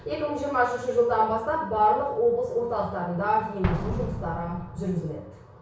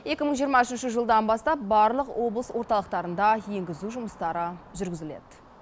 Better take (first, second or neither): second